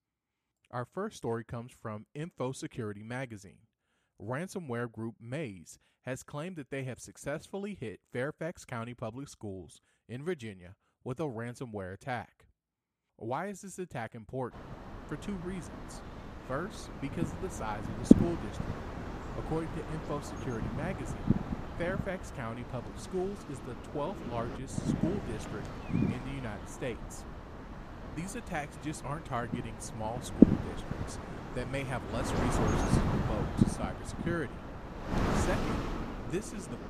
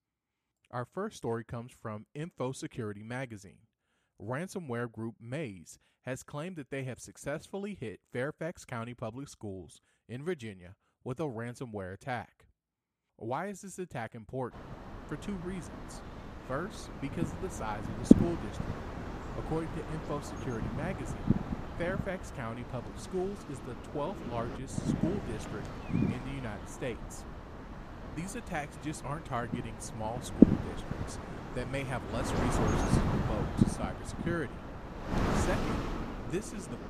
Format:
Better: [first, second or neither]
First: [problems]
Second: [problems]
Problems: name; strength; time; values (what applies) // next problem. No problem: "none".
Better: neither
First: wind noise on the microphone; heavy; from 15 s on; 1 dB above the speech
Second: wind noise on the microphone; heavy; from 15 s on; 1 dB above the speech